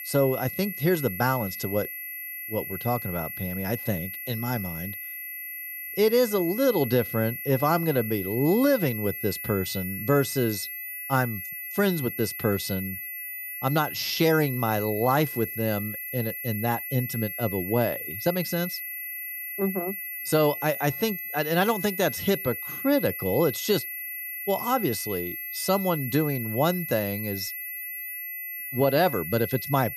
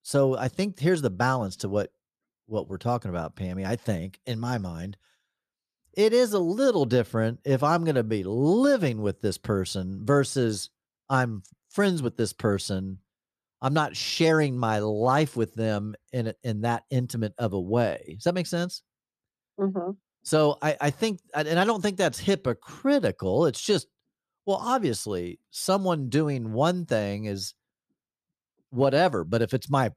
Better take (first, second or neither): second